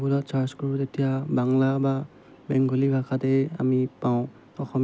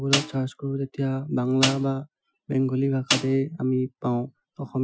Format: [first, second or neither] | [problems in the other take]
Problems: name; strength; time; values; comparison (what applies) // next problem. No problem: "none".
first | noise reduction (classical method Wiener filter)